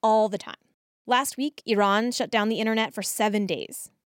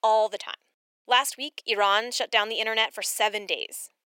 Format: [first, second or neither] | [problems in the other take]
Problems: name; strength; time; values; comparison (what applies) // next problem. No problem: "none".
first | thin; very; fading below 500 Hz